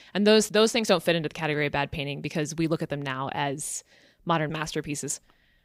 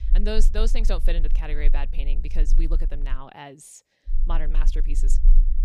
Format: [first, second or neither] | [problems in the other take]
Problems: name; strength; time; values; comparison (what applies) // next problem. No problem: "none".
first | low rumble; noticeable; until 3 s and from 4 s on; 15 dB below the speech